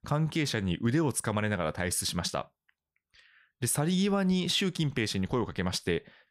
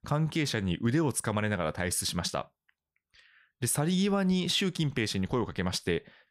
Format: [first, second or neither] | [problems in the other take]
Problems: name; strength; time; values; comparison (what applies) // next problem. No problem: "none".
neither | none